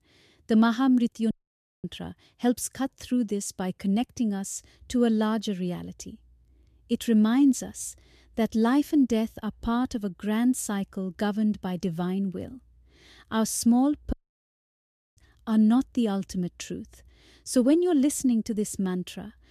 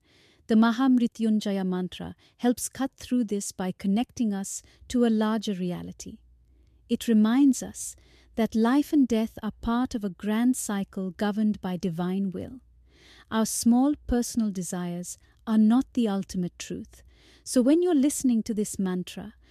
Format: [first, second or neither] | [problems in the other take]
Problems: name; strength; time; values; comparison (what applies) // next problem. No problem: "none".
second | audio cutting out; at 1.5 s for 0.5 s and at 14 s for 1 s